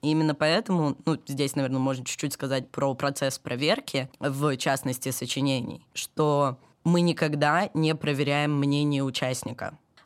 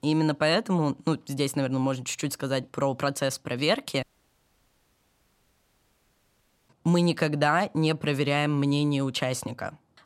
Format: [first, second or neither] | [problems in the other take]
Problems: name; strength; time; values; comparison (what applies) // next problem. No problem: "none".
first | audio cutting out; at 4 s for 2.5 s